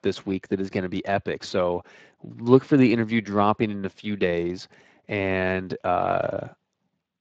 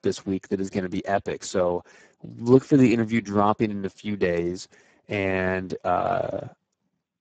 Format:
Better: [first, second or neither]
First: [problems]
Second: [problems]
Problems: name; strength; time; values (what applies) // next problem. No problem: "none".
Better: first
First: garbled, watery; slightly; nothing above 7.5 kHz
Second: garbled, watery; badly; nothing above 7.5 kHz